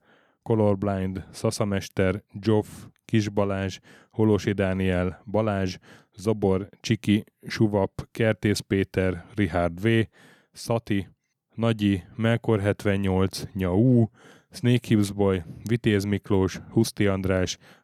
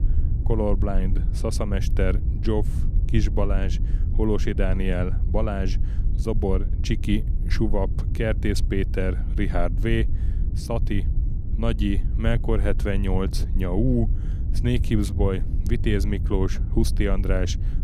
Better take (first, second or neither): first